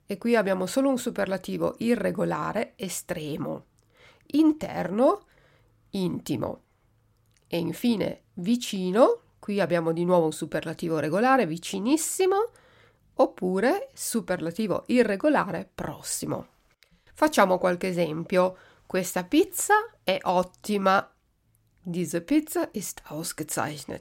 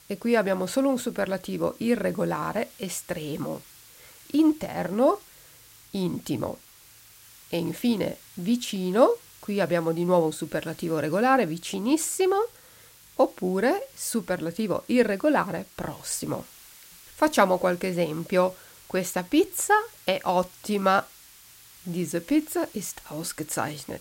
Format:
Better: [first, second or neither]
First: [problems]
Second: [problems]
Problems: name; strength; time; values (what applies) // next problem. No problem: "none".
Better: first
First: none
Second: hiss; faint; throughout; 20 dB below the speech